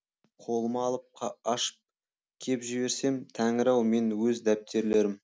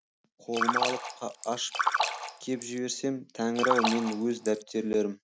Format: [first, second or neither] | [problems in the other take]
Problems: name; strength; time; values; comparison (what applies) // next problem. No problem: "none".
first | background sound (Splash, splatter); as loud as the speech